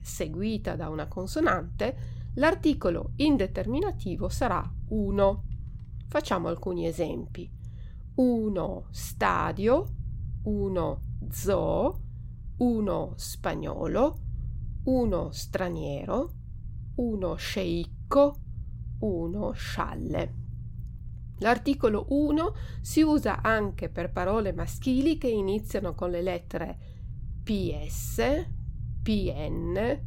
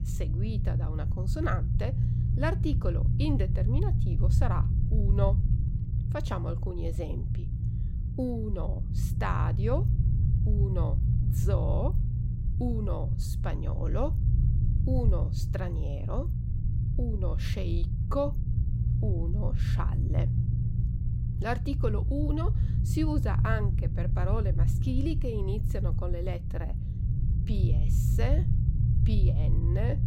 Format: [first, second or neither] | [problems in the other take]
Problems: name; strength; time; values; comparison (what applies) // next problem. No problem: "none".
first | low rumble; loud; throughout; 6 dB below the speech; faint in the first